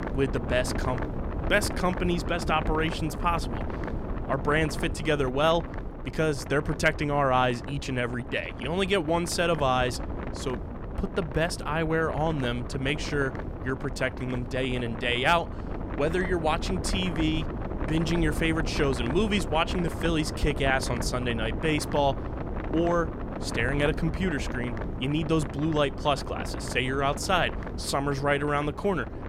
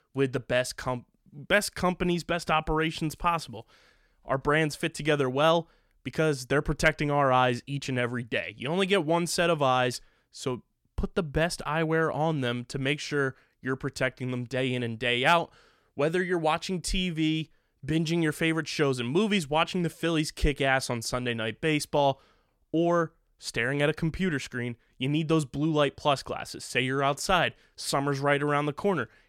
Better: second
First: wind noise on the microphone; occasional gusts; 10 dB below the speech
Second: none

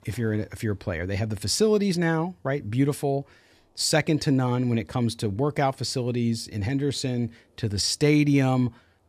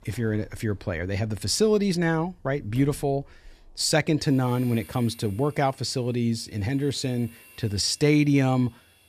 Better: first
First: none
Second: household noises; faint; throughout; 25 dB below the speech

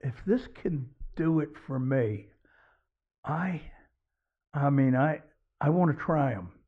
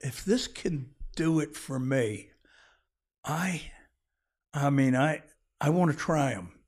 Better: second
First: muffled; very; fading above 1.5 kHz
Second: none

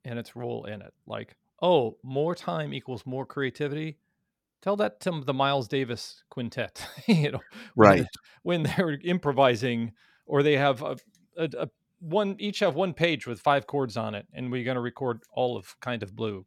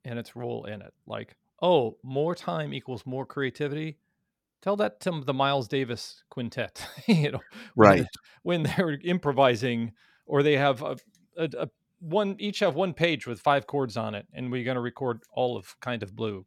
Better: neither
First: none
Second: none

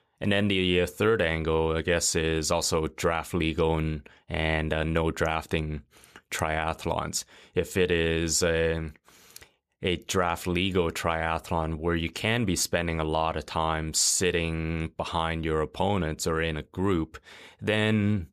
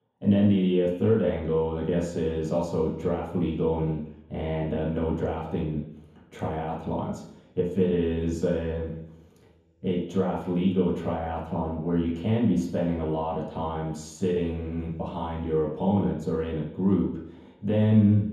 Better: first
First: none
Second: room echo; noticeable; dies away in 0.9 s // off-mic speech; far

